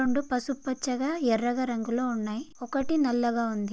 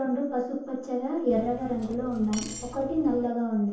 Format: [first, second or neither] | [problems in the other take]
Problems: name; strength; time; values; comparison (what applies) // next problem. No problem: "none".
first | background sound (Cutlery, silverware); 14 dB below the speech // room echo; dies away in 0.7 s